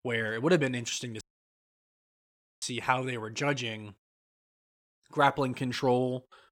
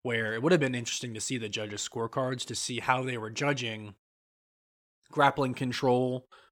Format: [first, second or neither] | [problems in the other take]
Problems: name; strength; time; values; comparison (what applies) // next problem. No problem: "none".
second | audio cutting out; at 1 s for 1.5 s